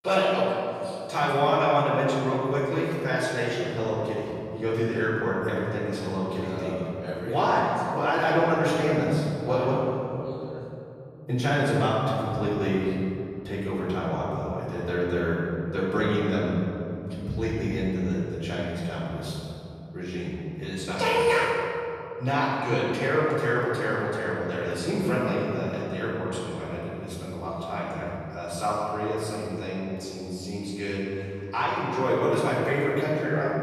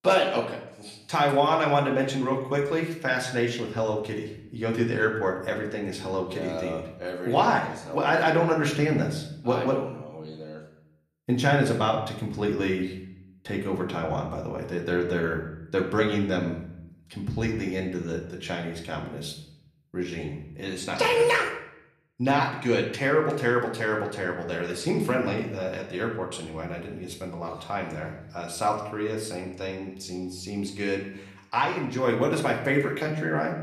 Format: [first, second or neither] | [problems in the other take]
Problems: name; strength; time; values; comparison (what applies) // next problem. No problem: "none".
second | room echo; strong; dies away in 3 s; slight in the second // off-mic speech; far; somewhat distant in the second